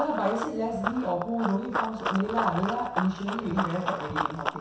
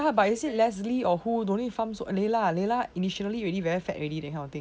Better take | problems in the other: second | background sound (Run); 3 dB below the speech // room echo; dies away in 0.7 s

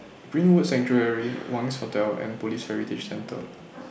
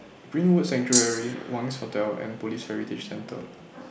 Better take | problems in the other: first | background sound (Rattle (instrument)); 3 dB above the speech

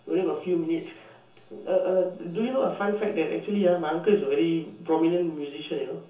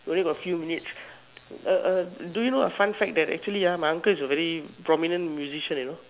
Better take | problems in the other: second | room echo; dies away in 0.6 s

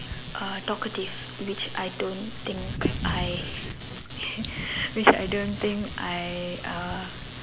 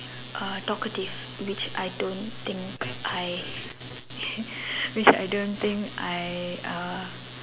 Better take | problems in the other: second | background sound (Thunder); 7 dB below the speech

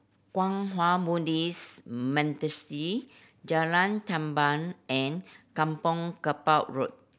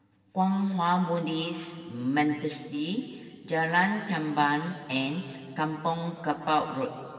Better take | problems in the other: first | room echo; dies away in 2.4 s

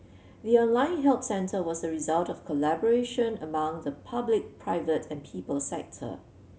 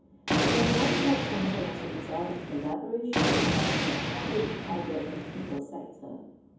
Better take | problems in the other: first | background sound (Thunder); 4 dB above the speech // room echo; dies away in 1.2 s

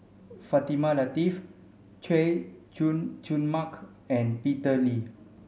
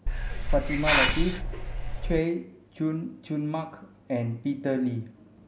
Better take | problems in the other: first | background sound (Hiss); 4 dB above the speech

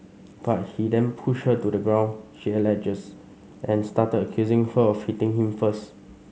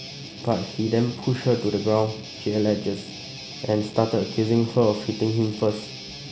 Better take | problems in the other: first | background sound (Guitar); 14 dB below the speech

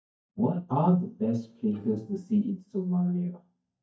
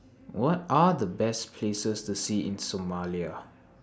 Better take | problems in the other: second | noise reduction (neural mask model DeepFilterNet 3)

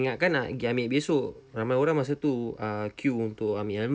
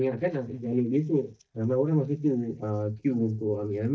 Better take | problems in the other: first | noise reduction (neural mask model DeepFilterNet 3)

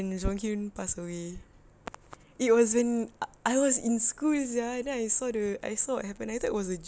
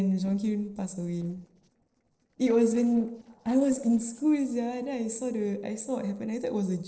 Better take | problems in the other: first | noise reduction (neural separator model SepFormer DNS4)

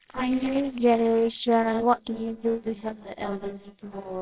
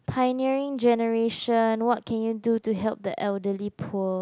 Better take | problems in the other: second | noise reduction (neural separator model SepFormer WHAMR!)

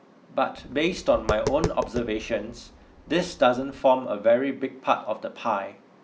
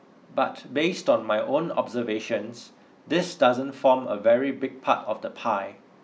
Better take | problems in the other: second | background sound (Tap); 10 dB below the speech

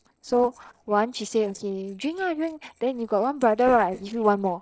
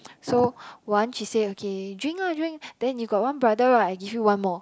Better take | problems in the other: second | noise reduction (neural separator model SepFormer DNS4)

